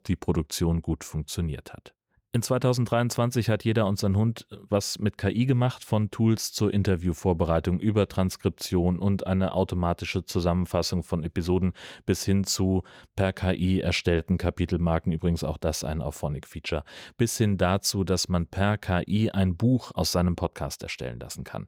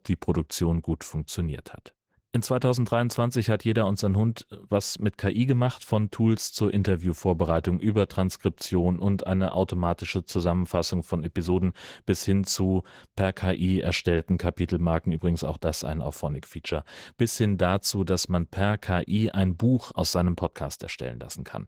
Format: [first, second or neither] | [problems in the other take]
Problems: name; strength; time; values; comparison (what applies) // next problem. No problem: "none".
first | garbled, watery; slightly